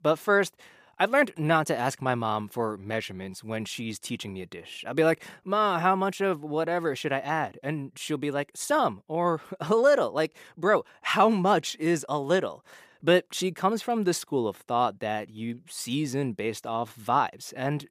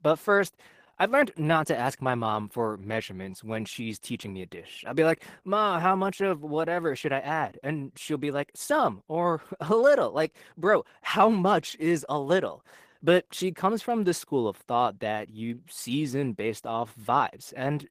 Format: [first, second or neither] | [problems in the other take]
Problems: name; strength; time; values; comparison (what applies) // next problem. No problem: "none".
first | garbled, watery; slightly; nothing above 15 kHz